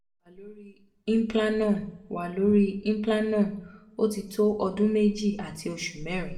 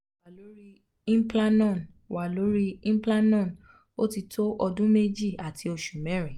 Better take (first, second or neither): second